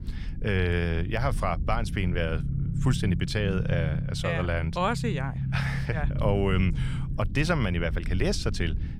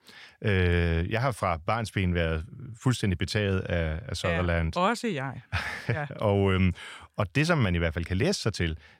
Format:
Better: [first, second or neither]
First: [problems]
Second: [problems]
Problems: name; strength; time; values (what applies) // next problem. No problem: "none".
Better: second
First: low rumble; noticeable; throughout; 15 dB below the speech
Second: none